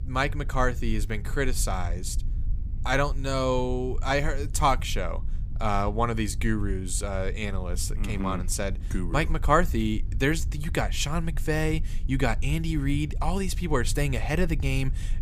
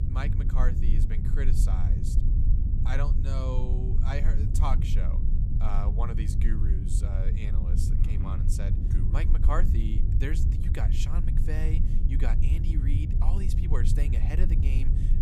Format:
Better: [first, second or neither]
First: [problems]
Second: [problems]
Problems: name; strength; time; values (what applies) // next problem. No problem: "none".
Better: first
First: low rumble; faint; throughout; 25 dB below the speech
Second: low rumble; loud; throughout; 3 dB below the speech